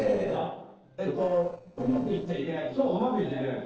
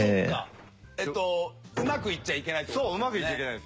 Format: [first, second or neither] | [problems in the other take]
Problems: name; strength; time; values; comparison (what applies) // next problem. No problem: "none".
second | noise reduction (neural separator model SepFormer DNS4)